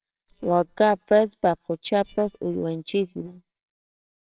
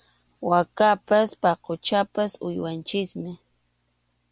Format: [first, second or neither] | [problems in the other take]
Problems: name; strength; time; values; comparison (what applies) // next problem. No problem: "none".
second | noise reduction (neural separator model SepFormer WHAMR!)